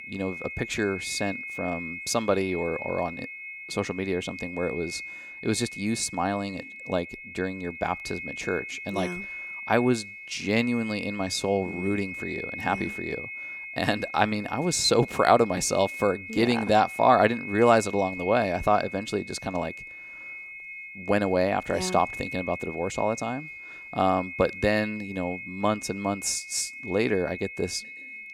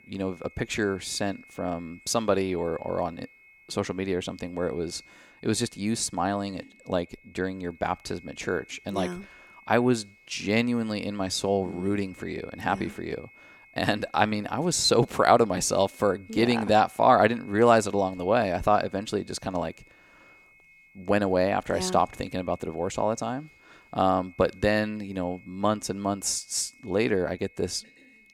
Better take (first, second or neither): second